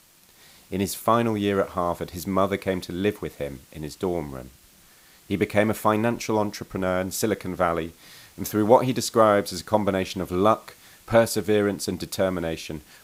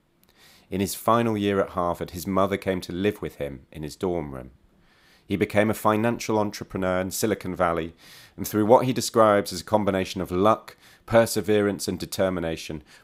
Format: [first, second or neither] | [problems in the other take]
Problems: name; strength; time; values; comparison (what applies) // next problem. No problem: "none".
second | hiss; faint; throughout; 30 dB below the speech